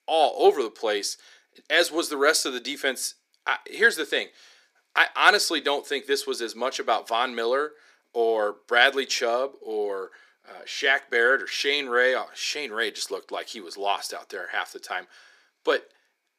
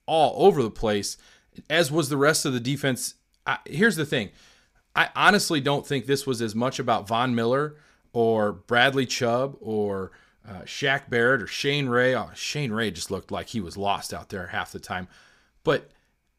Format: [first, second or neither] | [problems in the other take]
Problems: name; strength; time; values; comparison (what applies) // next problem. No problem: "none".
second | thin; somewhat; fading below 350 Hz